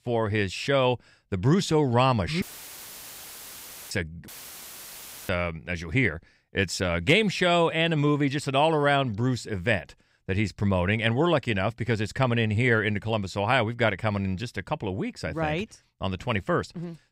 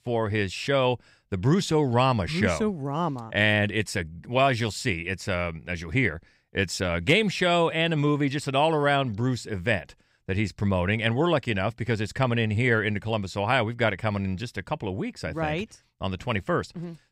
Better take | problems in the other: second | audio cutting out; filled with static; at 2.5 s for 1.5 s and at 4.5 s for 1 s

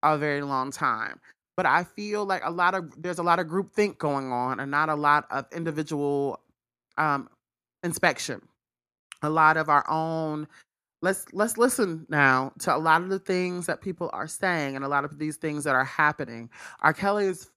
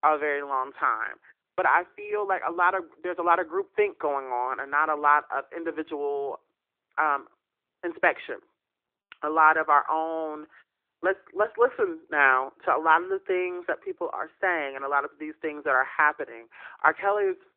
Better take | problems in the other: first | phone-call audio; nothing above 3.5 kHz

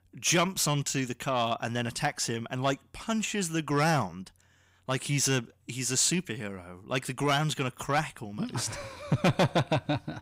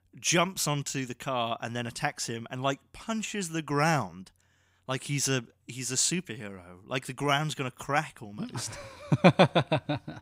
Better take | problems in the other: second | distortion; heavy; 8 dB below the speech

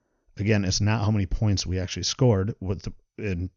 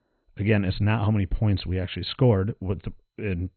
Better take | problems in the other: first | garbled, watery; badly; nothing above 4 kHz; slightly in the first

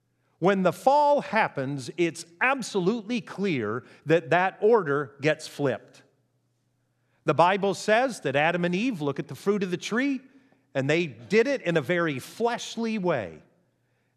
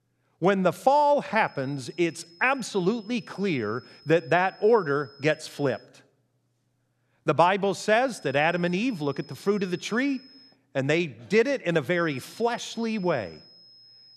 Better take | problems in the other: first | high-pitched whine; faint; from 1.5 to 6 s, from 8 to 11 s and from 12 s on; 5 kHz, 25 dB below the speech

